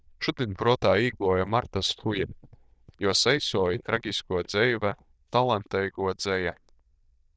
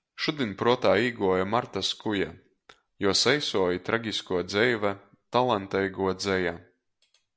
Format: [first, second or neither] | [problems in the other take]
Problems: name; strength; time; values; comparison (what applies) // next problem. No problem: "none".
second | noise reduction (neural diffusion model UNIVERSE++)